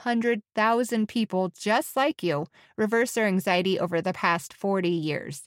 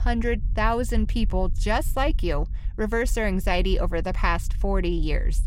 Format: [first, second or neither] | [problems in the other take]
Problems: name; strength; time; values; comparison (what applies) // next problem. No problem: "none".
first | low rumble; faint; throughout; 25 dB below the speech